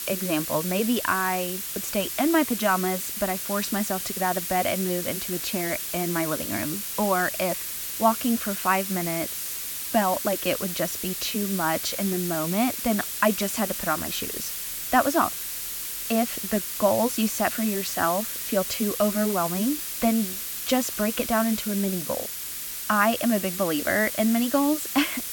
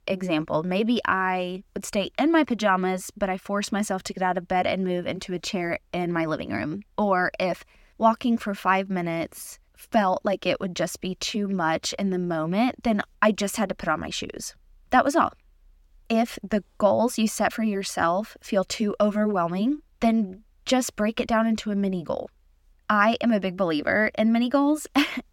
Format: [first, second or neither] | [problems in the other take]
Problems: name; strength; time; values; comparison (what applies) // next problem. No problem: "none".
second | hiss; loud; throughout; 3 dB below the speech